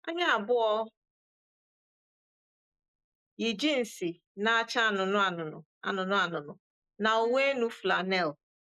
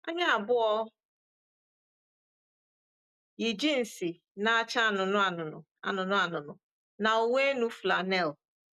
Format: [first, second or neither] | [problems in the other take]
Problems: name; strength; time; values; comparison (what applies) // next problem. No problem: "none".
second | noise reduction (neural mask model Resemble Enhance denoiser)